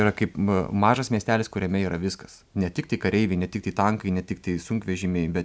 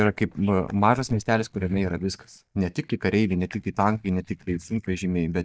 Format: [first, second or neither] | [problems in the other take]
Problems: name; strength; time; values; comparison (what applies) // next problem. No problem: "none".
first | noise reduction (neural mask model DeepFilterNet 3)